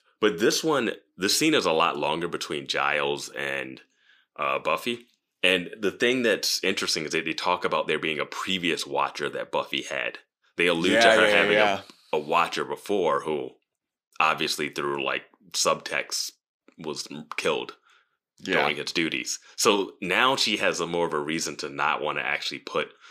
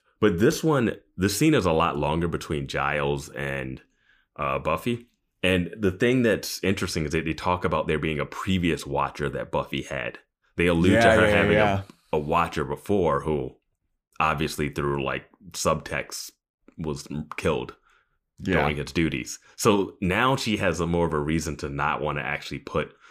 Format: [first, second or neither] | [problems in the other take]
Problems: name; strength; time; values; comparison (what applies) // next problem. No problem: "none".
second | thin; somewhat; fading below 300 Hz